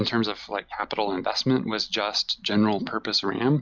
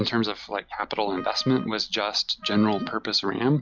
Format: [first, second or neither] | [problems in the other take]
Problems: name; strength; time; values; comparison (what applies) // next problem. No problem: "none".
first | background sound (Wind instrument, woodwind instrument); 18 dB below the speech